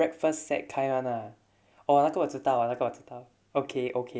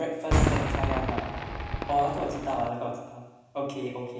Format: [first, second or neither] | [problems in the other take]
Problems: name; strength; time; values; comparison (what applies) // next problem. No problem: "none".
first | background sound (Cheering / Fireworks); 1 dB above the speech // room echo; dies away in 1.1 s